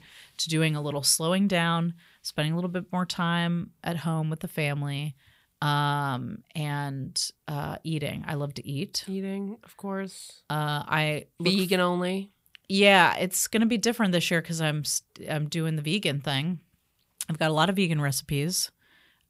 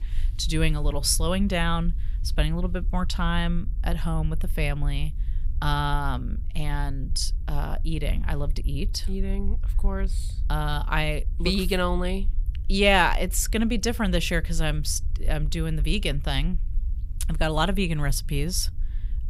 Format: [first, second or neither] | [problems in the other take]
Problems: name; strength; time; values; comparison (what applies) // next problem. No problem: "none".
first | low rumble; faint; throughout; 25 dB below the speech